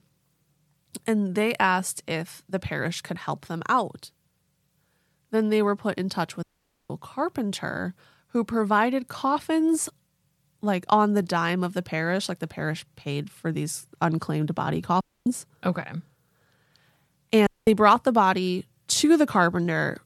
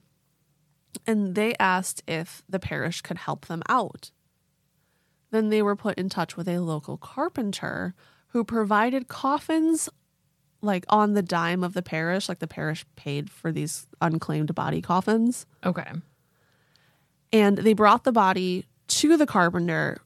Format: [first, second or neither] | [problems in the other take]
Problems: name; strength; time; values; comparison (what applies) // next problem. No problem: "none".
second | audio cutting out; at 6.5 s, at 15 s and at 17 s